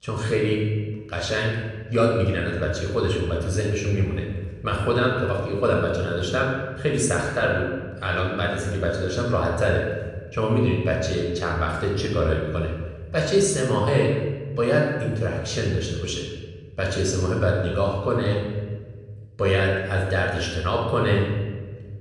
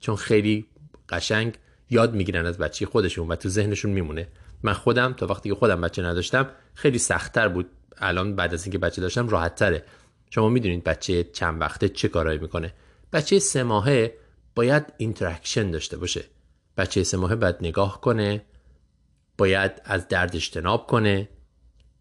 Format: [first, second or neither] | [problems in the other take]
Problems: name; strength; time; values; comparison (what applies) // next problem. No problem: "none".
second | off-mic speech; somewhat distant // room echo; noticeable; dies away in 1.4 s